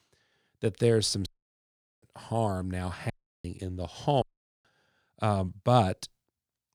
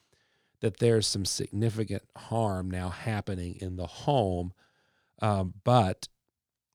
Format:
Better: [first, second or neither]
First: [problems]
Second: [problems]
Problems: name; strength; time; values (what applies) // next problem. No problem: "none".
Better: second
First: audio cutting out; at 1.5 s for 1 s, at 3 s and at 4 s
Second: none